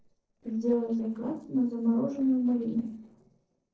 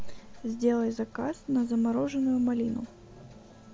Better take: second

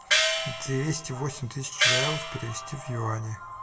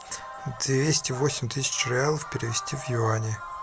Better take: second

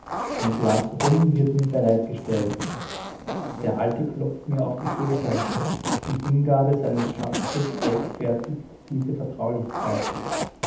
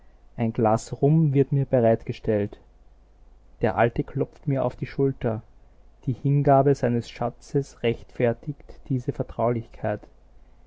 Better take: second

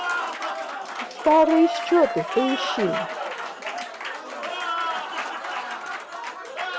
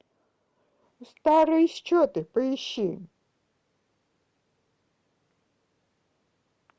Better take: second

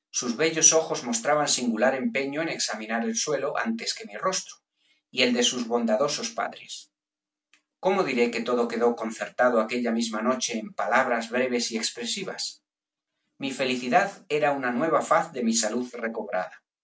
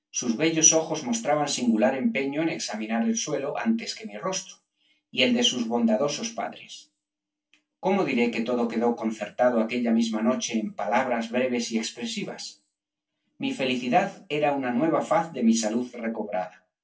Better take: first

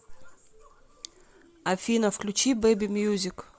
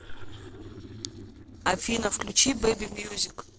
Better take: first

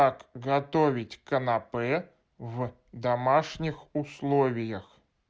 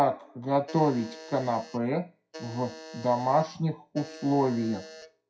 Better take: first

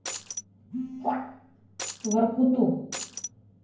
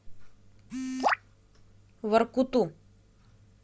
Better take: second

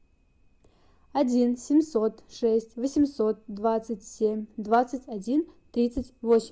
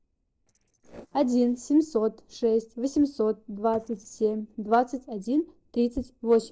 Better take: first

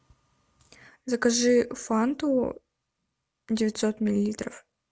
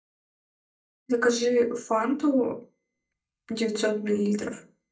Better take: first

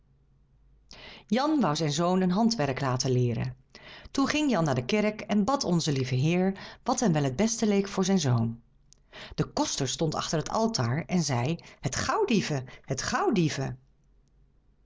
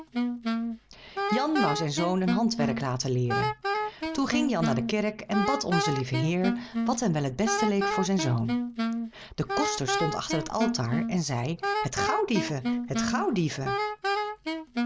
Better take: first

